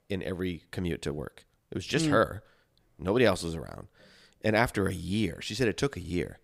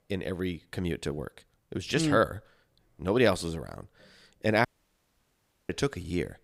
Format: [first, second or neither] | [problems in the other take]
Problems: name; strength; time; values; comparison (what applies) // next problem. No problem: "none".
first | audio cutting out; at 4.5 s for 1 s